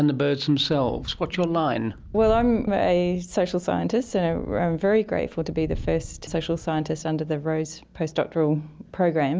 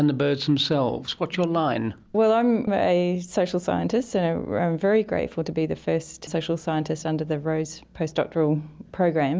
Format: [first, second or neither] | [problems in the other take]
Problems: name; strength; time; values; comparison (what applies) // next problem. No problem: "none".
second | background sound (Wind); 15 dB below the speech